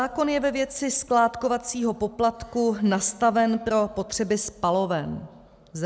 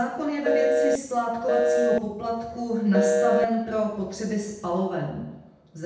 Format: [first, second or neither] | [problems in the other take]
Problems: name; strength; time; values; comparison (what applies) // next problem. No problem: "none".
first | background sound (Telephone); 4 dB above the speech // room echo; dies away in 0.8 s